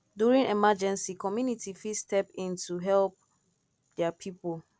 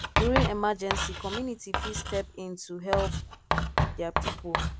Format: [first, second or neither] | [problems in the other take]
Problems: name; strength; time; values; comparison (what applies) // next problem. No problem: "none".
first | background sound (Writing); 2 dB above the speech